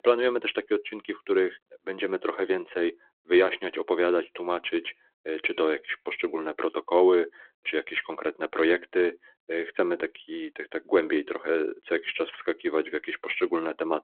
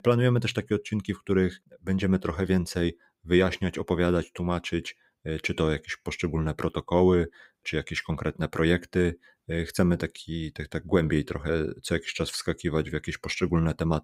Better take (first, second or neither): second